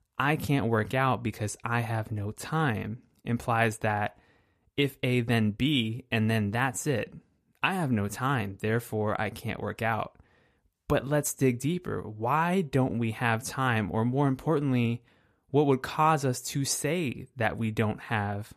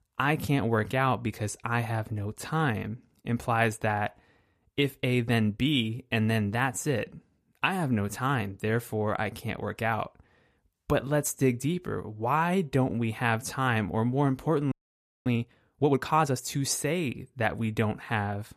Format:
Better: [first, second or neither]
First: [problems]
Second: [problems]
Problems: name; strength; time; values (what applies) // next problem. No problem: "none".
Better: first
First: none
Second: audio freezing; at 15 s for 0.5 s